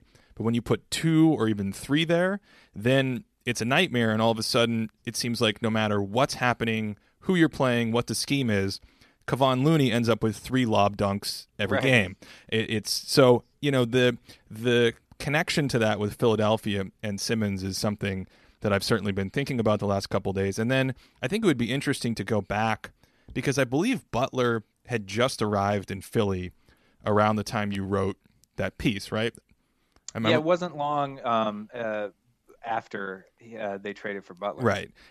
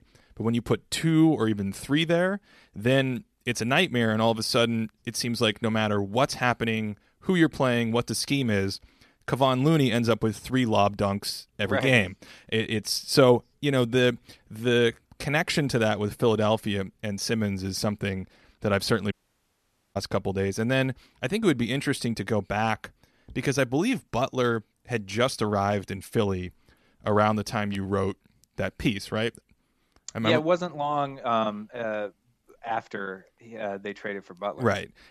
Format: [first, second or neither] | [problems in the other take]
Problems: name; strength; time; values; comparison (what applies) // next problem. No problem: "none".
first | audio cutting out; at 19 s for 1 s